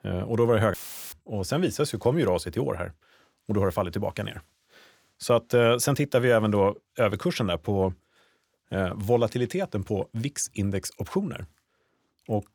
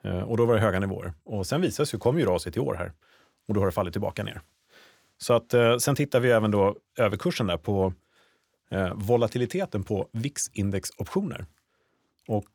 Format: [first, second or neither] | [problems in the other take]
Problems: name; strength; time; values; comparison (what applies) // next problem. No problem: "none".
second | audio cutting out; filled with static; at 0.5 s